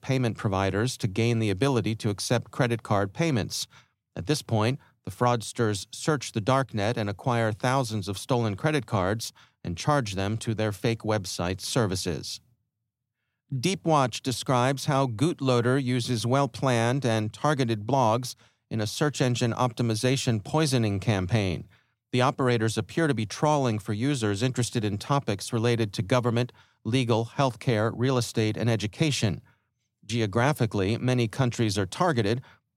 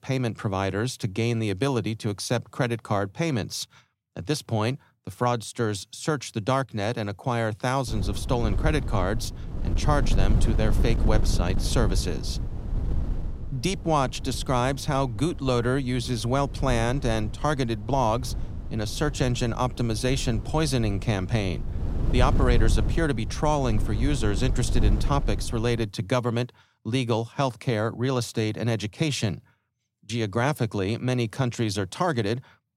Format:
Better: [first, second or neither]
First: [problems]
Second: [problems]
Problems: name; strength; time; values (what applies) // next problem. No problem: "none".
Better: first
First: none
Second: wind noise on the microphone; occasional gusts; from 8 to 26 s; 15 dB below the speech